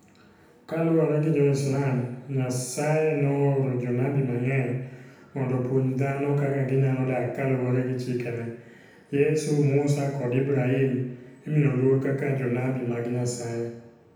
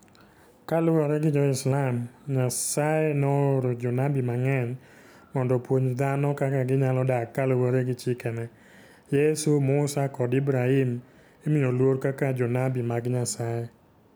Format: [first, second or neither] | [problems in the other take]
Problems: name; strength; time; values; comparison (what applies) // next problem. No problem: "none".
second | room echo; dies away in 0.8 s